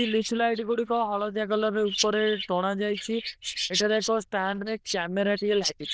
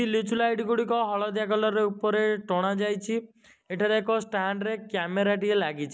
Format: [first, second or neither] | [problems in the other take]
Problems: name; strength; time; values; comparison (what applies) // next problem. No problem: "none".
second | noise reduction (neural diffusion model UNIVERSE++)